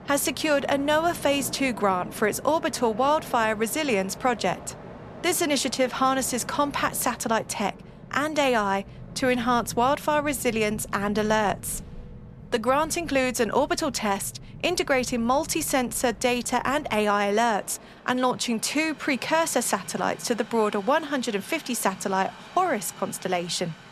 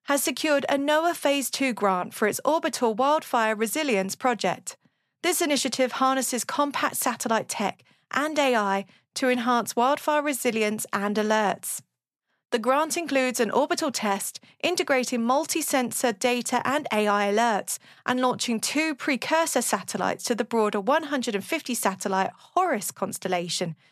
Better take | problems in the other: second | train or aircraft noise; noticeable; throughout; 20 dB below the speech

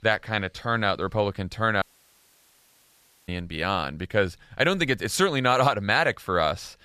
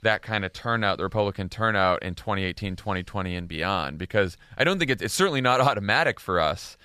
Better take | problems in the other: second | audio cutting out; at 2 s for 1.5 s

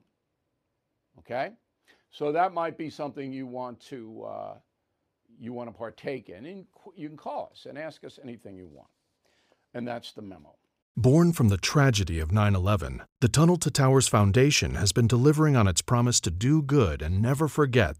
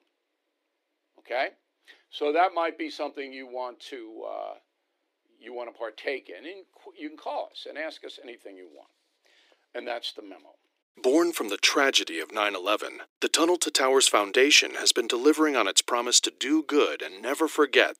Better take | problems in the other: first | thin; very; fading below 300 Hz

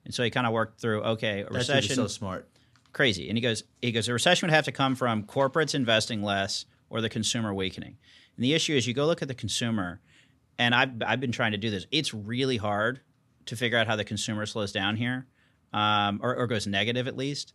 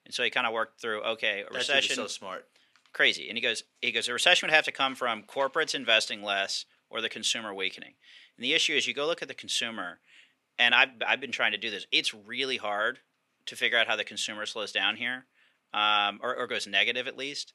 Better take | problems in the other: first | thin; somewhat; fading below 450 Hz

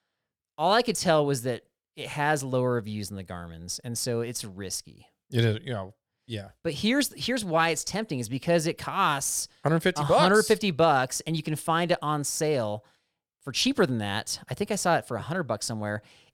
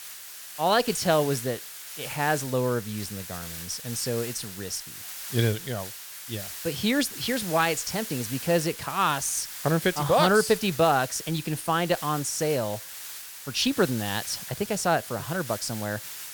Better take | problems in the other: first | hiss; loud; throughout; 10 dB below the speech

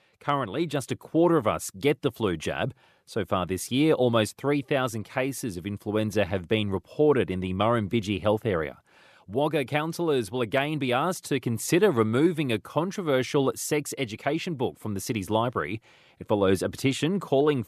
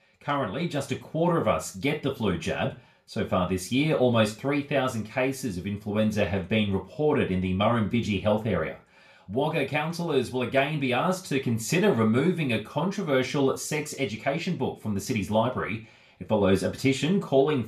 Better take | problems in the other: first | room echo; slight; dies away in 0.3 s // off-mic speech; far

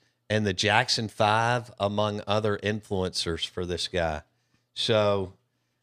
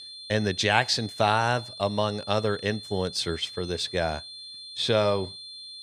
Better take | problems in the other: first | high-pitched whine; noticeable; throughout; 4 kHz, 15 dB below the speech

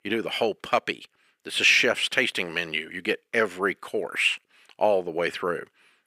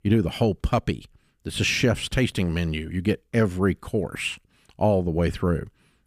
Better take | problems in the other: second | thin; very; fading below 450 Hz

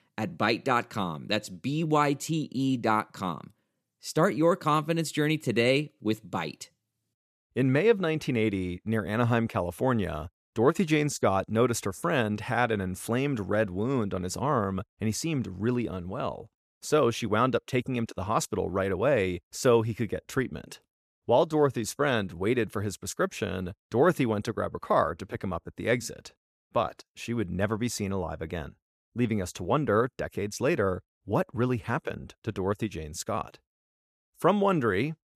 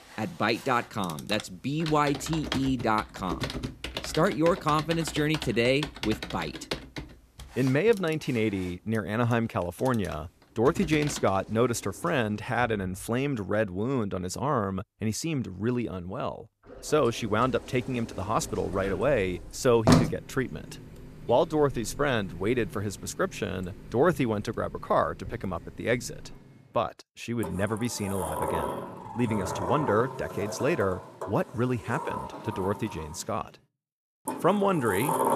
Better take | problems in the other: first | household noises; loud; throughout; 7 dB below the speech

